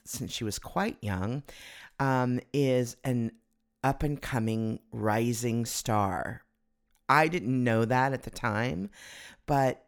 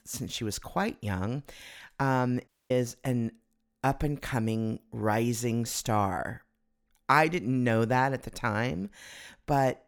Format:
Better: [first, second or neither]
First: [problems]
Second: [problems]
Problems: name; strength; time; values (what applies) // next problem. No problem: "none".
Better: first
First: none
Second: audio cutting out; at 2.5 s